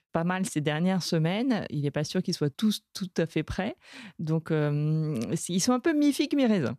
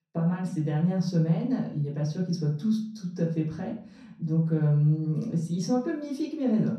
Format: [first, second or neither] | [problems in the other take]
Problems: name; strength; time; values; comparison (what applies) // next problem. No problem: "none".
first | room echo; noticeable; dies away in 0.6 s // off-mic speech; far